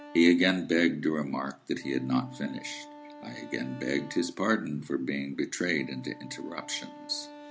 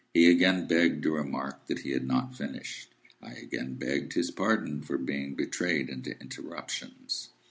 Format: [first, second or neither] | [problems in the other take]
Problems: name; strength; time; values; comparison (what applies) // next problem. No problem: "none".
second | background sound (Wind instrument, woodwind instrument); 19 dB below the speech